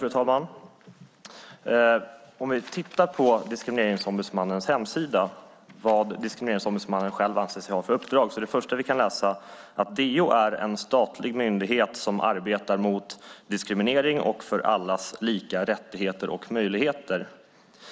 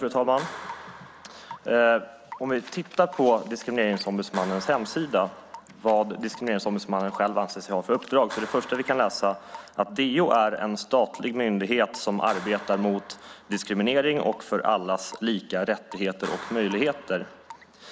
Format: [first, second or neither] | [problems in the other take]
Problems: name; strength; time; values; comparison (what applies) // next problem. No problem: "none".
first | background sound (Raindrop / Drip / Water tap, faucet + Clapping); 18 dB below the speech